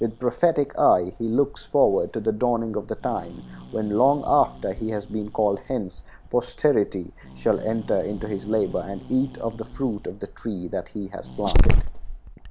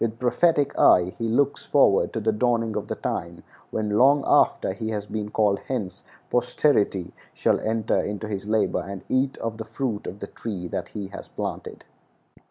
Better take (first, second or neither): second